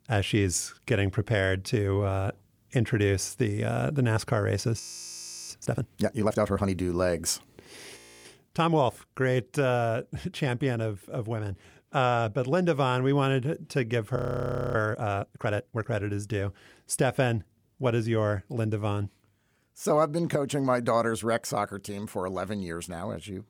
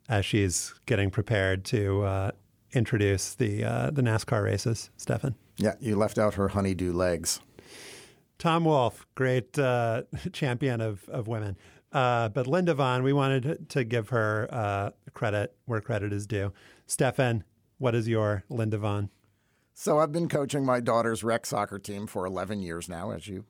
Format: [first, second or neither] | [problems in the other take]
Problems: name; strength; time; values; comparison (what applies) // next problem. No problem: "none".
second | audio freezing; at 5 s for 0.5 s, at 8 s and at 14 s for 0.5 s